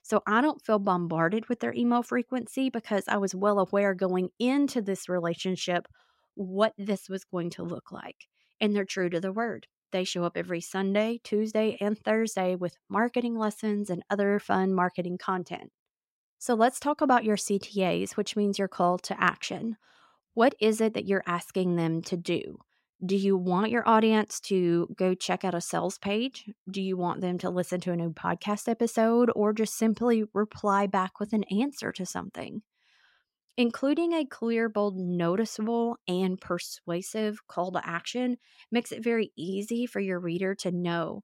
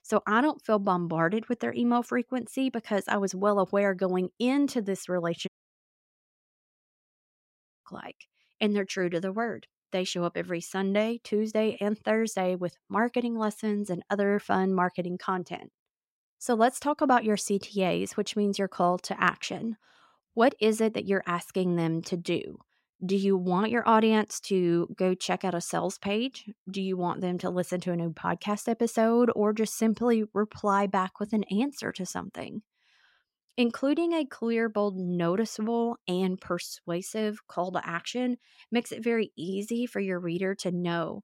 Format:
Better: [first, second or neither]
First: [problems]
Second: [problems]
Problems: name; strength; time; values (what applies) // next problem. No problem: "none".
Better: first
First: none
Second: audio cutting out; at 5.5 s for 2.5 s